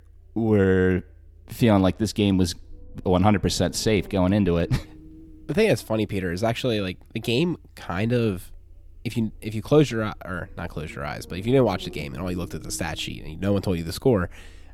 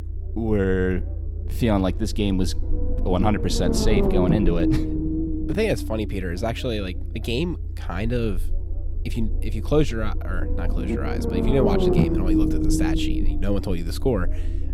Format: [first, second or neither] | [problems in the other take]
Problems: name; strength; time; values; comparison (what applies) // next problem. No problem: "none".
first | low rumble; loud; throughout; 1 dB below the speech; faint in the first